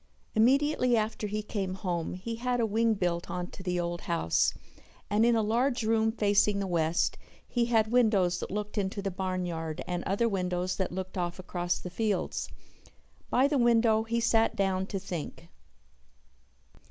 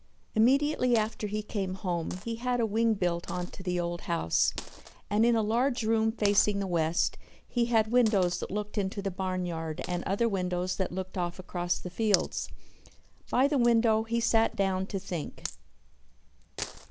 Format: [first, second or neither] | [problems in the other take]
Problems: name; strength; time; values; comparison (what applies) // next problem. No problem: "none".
first | background sound (Coin (dropping)); 18 dB below the speech